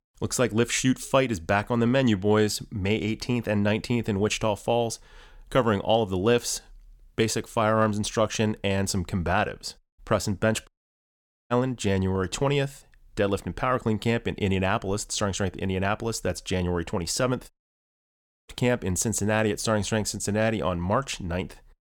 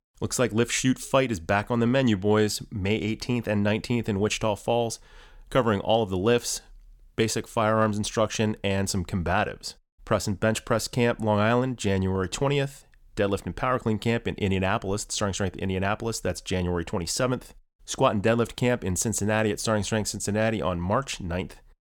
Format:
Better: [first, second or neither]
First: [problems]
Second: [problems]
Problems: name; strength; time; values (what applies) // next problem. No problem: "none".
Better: second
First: audio cutting out; at 11 s for 1 s and at 18 s for 1 s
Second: none